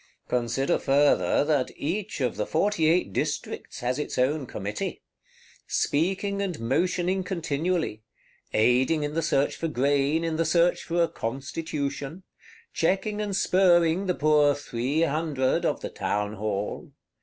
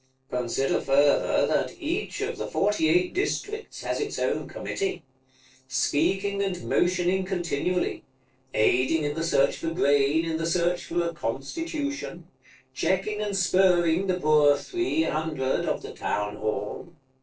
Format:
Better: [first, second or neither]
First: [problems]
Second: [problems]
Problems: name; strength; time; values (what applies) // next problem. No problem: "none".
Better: first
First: none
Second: noise reduction (neural separator model SepFormer DNS4)